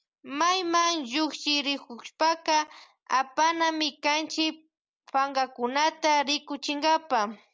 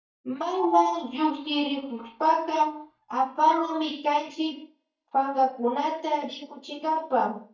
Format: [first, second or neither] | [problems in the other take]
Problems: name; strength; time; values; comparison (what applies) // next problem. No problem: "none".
first | noise reduction (neural mask model DeepFilterNet 3)